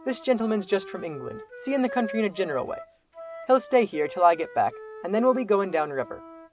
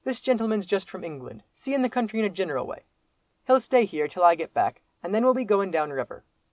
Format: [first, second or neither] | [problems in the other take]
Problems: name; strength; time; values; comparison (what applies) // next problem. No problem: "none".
second | background sound (Wind instrument, woodwind instrument); 16 dB below the speech